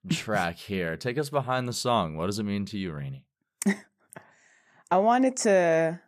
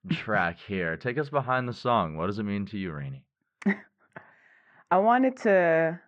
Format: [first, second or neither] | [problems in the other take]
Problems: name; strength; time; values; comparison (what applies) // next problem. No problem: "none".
first | muffled; very; fading above 3 kHz